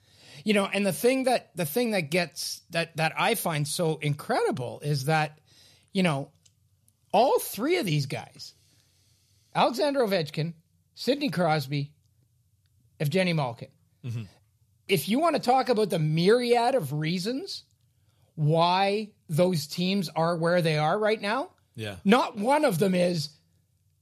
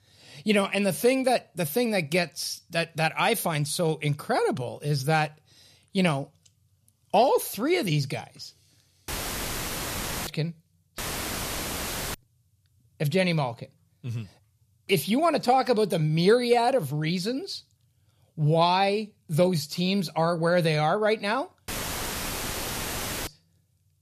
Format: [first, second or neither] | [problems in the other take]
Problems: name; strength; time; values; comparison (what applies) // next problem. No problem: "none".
first | audio cutting out; filled with static; at 9 s for 1 s, at 11 s for 1 s and at 22 s for 1.5 s